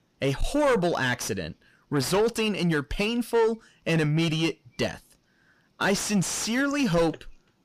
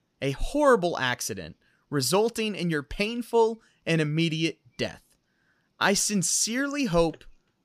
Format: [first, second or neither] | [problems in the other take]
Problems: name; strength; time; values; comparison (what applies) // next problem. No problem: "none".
second | distortion; heavy; 7 dB below the speech